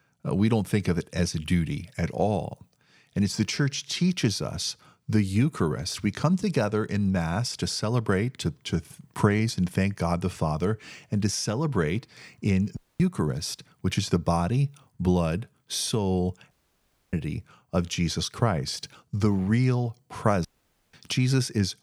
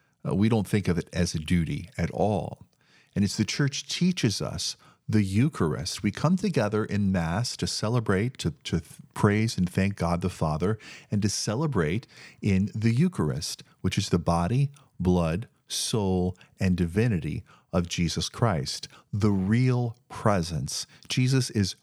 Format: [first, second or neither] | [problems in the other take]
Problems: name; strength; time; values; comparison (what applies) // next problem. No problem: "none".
second | audio cutting out; at 13 s, at 17 s for 0.5 s and at 20 s